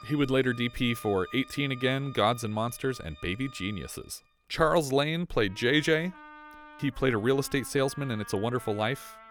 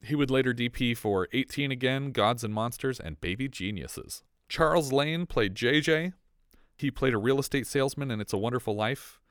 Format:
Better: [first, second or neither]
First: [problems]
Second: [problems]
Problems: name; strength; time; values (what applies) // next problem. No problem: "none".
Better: second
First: background music; noticeable; throughout; 20 dB below the speech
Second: none